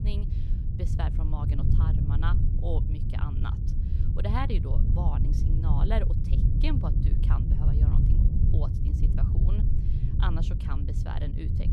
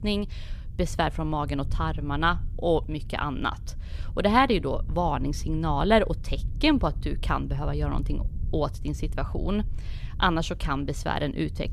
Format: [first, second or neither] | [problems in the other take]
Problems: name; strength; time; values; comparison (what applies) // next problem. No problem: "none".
second | low rumble; loud; throughout; 2 dB below the speech; faint in the second